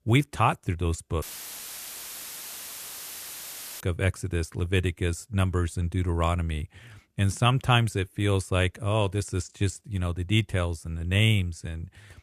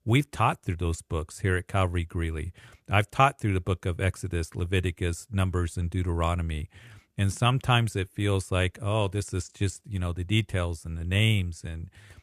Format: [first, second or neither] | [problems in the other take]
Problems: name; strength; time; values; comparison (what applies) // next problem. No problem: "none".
second | audio cutting out; filled with static; at 1 s for 2.5 s